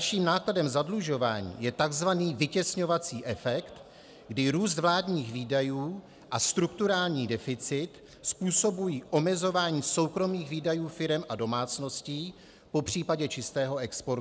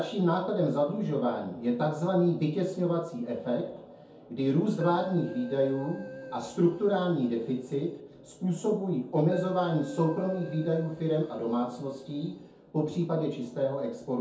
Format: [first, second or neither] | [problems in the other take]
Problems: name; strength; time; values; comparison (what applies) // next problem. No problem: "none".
first | background sound (Keyboard (musical)); 15 dB below the speech // room echo; dies away in 0.6 s